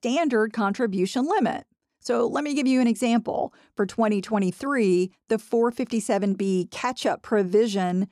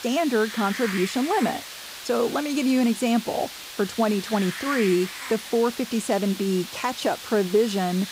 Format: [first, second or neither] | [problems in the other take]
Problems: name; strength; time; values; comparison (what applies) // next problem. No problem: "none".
first | hiss; loud; throughout; 10 dB below the speech